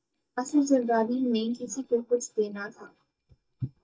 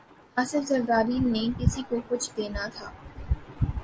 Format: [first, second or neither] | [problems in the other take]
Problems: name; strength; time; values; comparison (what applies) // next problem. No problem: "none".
second | noise reduction (neural mask model DeepFilterNet 3)